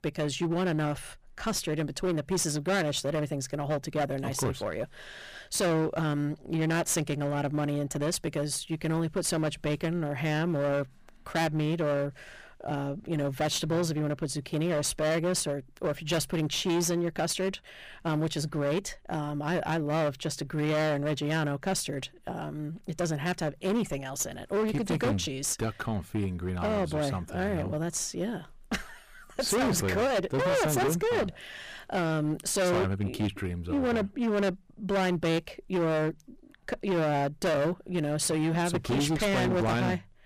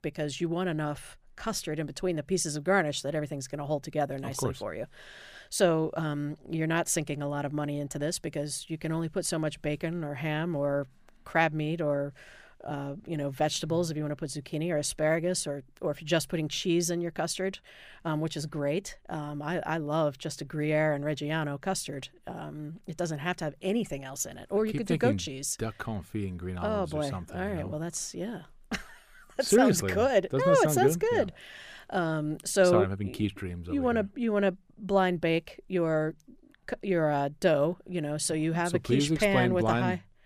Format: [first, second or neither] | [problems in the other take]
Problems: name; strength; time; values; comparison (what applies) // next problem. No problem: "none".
second | distortion; heavy; 17% of the sound clipped